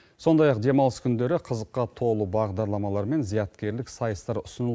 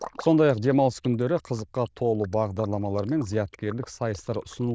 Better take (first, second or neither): first